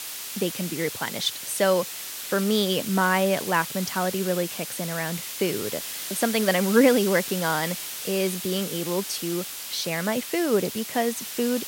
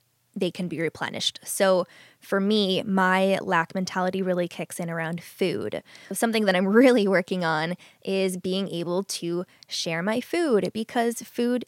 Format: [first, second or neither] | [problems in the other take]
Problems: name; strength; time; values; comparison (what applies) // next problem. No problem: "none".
second | hiss; loud; throughout; 6 dB below the speech